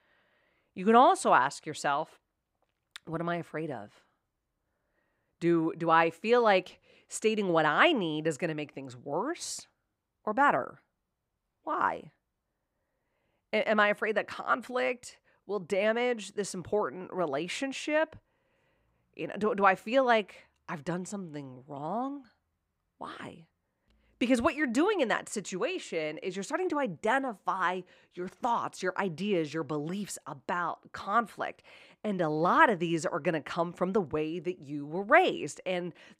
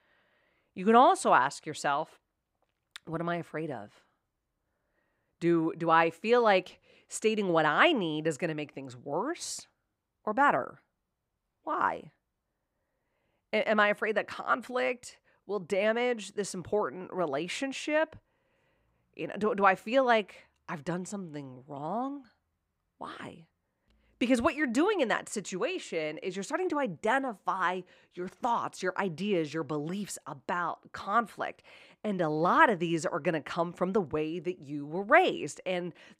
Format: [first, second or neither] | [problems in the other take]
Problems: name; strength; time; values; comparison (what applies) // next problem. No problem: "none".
neither | none